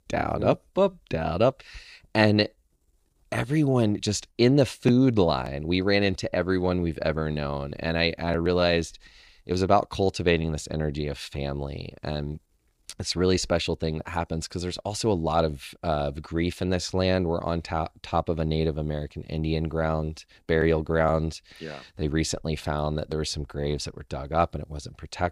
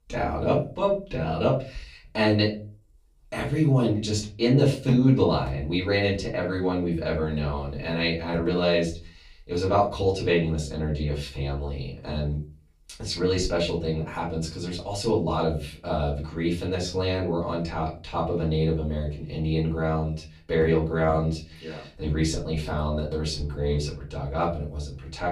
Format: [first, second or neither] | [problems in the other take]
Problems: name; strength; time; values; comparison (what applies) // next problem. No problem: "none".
first | off-mic speech; far // room echo; slight; dies away in 0.3 s